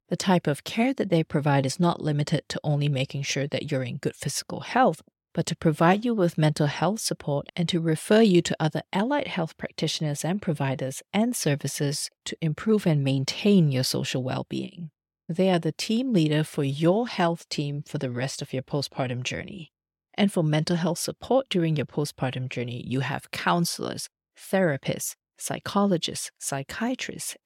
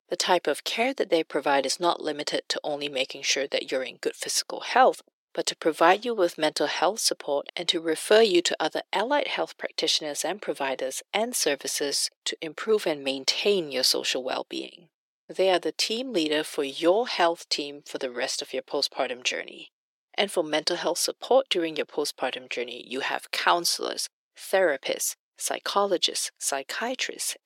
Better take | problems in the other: first | thin; very; fading below 350 Hz

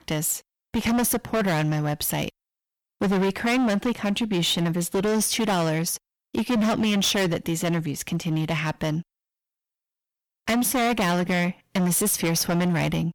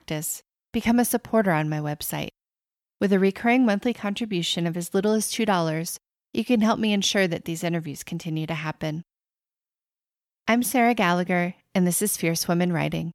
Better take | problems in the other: second | distortion; heavy; 19% of the sound clipped

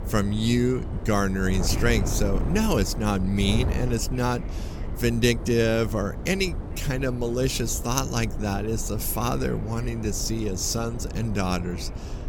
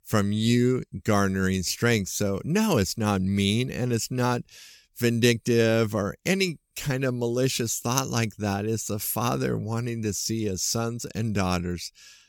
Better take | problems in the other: second | wind noise on the microphone; occasional gusts; 10 dB below the speech

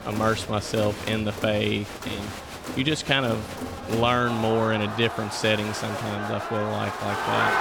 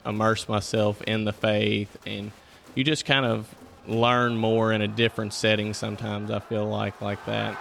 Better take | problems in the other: second | crowd noise; loud; throughout; 6 dB below the speech; faint in the second

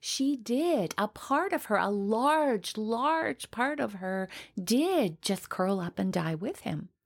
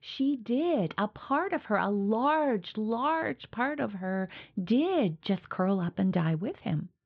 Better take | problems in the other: first | muffled; very; fading above 3.5 kHz

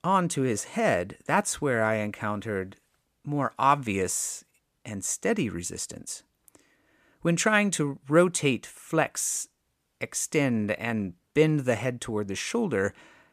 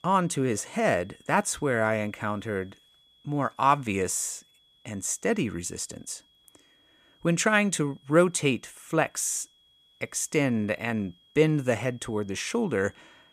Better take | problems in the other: first | high-pitched whine; faint; throughout; 3.5 kHz, 30 dB below the speech

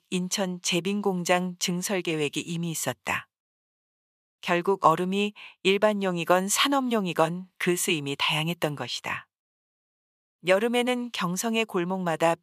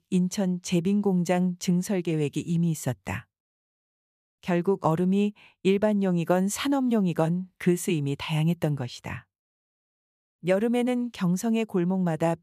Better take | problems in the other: second | thin; somewhat; fading below 700 Hz

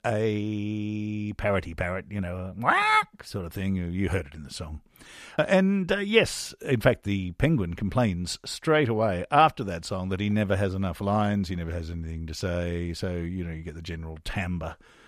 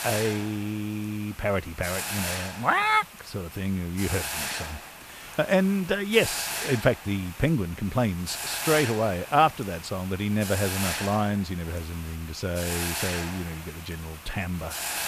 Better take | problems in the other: first | hiss; loud; throughout; 6 dB below the speech

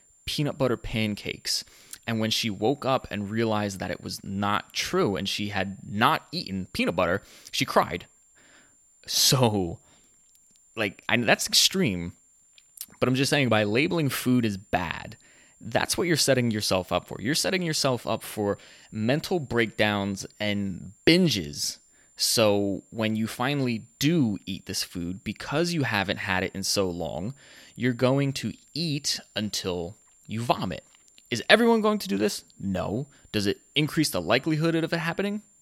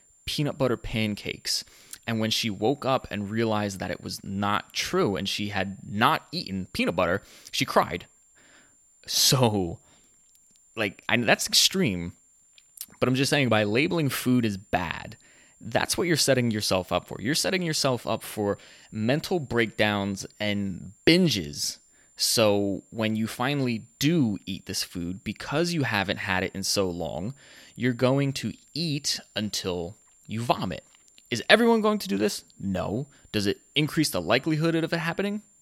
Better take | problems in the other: neither | high-pitched whine; faint; throughout; 7.5 kHz, 30 dB below the speech; the same in both

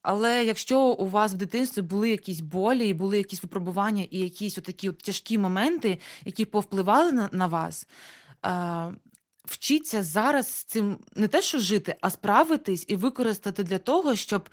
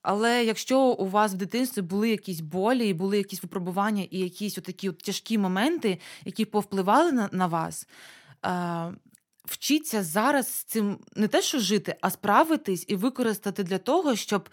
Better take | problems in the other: second | garbled, watery; slightly; nothing above 19 kHz

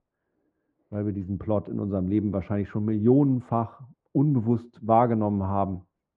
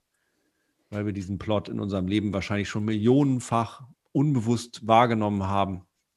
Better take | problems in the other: second | muffled; very; fading above 2.5 kHz

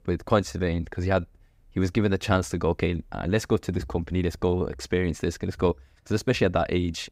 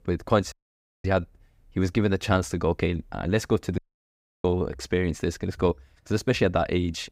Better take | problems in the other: first | audio cutting out; at 0.5 s for 0.5 s and at 4 s for 0.5 s

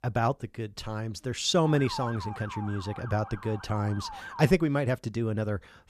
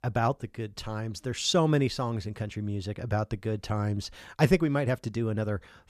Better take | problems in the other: second | siren; noticeable; from 1.5 to 4.5 s; peak 9 dB below the speech

